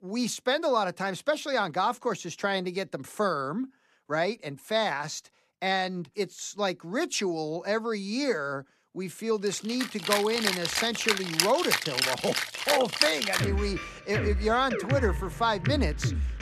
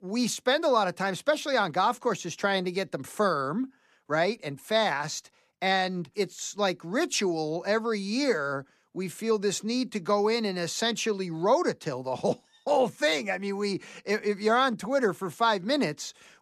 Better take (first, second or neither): second